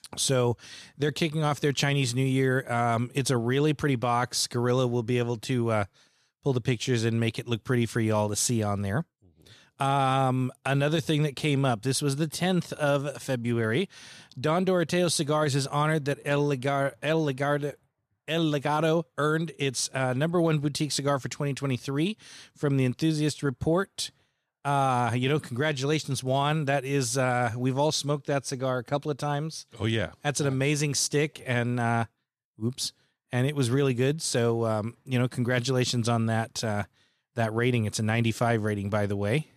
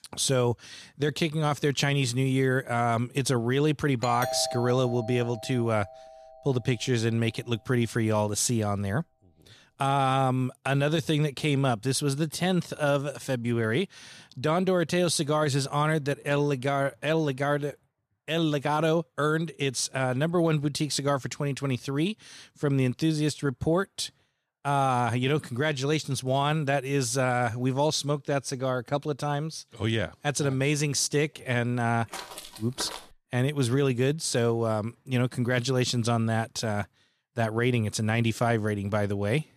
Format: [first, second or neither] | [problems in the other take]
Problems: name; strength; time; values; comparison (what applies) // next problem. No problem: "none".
first | doorbell; noticeable; from 4 to 6 s; peak 5 dB below the speech // footsteps; faint; from 32 to 33 s; peak 10 dB below the speech